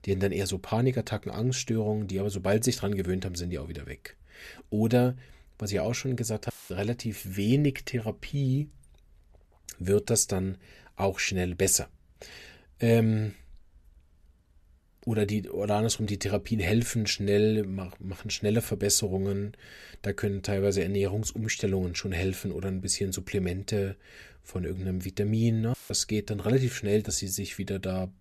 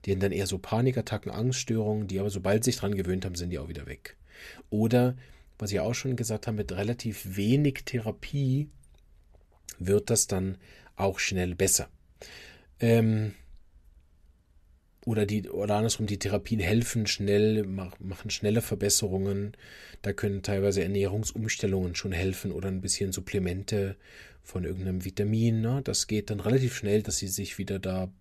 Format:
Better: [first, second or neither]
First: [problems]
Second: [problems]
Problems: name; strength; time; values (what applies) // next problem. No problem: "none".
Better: second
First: audio cutting out; filled with static; at 6.5 s and at 26 s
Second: none